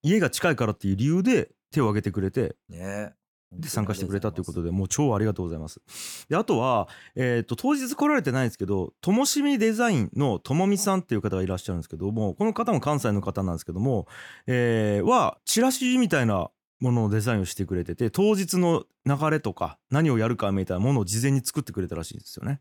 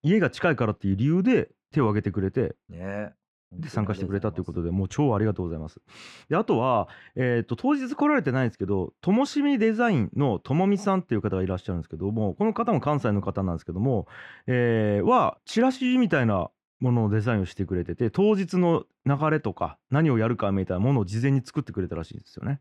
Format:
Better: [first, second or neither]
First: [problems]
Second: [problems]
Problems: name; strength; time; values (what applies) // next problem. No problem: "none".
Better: first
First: none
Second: muffled; slightly; fading above 2.5 kHz